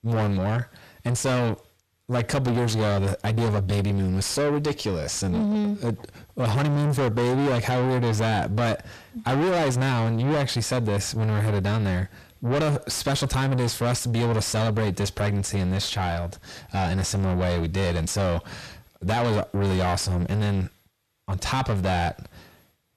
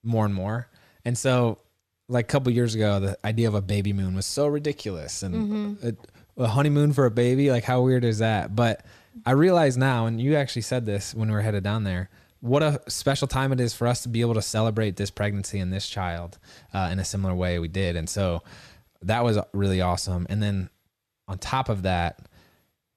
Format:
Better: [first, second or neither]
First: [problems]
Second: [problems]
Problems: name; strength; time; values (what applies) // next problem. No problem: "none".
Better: second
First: distortion; heavy; 6 dB below the speech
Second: none